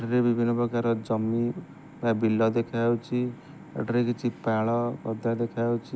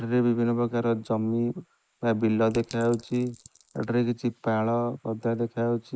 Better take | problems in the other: first | noise reduction (neural mask model Resemble Enhance denoiser)

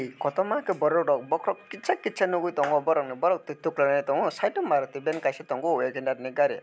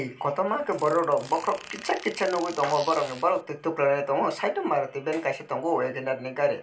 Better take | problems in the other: first | background sound (Fart); 18 dB below the speech // room echo; dies away in 0.2 s

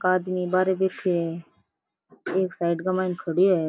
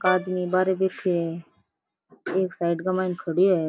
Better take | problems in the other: first | background sound (Wind instrument, woodwind instrument); 8 dB below the speech

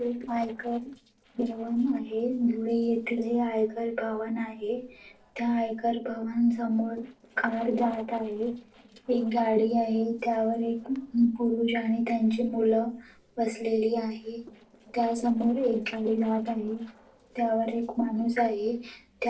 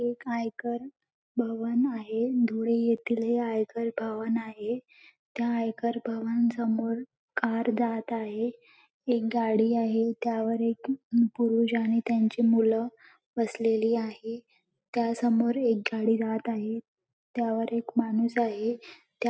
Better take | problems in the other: second | noise reduction (neural separator model SepFormer DNS4)

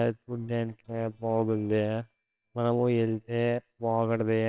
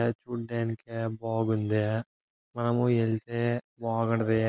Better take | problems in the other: second | noise reduction (neural separator model SepFormer WHAMR!)

